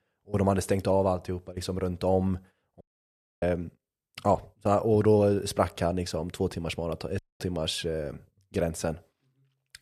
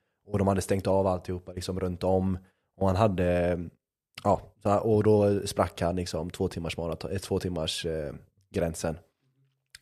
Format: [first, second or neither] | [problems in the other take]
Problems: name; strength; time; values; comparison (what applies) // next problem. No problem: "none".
second | audio cutting out; at 3 s for 0.5 s and at 7 s